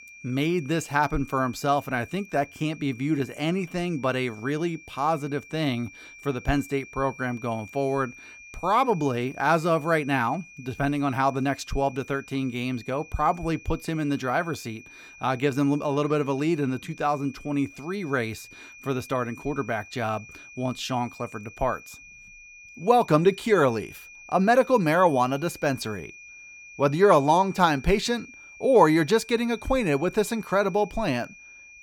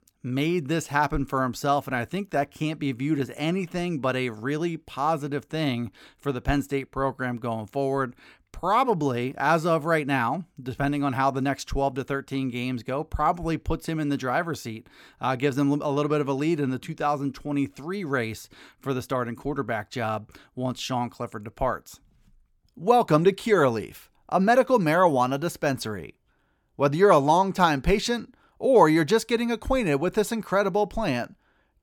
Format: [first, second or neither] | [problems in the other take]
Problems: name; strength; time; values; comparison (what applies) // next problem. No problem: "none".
second | high-pitched whine; noticeable; throughout; 2.5 kHz, 20 dB below the speech